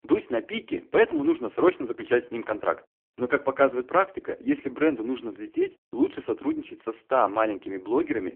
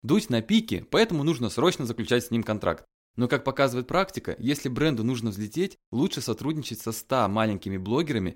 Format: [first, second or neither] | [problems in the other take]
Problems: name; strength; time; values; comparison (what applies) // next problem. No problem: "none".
second | phone-call audio; poor line; nothing above 3 kHz